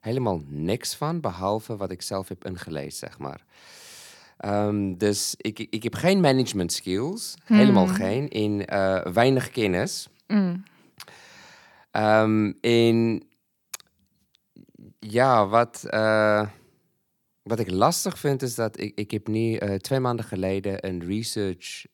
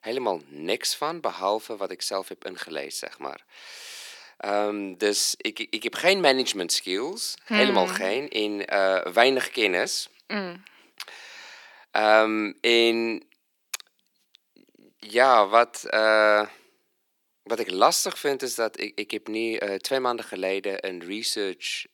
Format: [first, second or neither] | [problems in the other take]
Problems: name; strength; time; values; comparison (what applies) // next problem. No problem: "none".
first | thin; somewhat; fading below 350 Hz